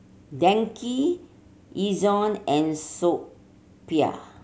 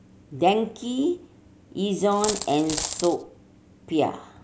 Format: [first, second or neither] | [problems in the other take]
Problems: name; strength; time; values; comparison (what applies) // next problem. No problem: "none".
first | background sound (Coin (dropping)); 6 dB below the speech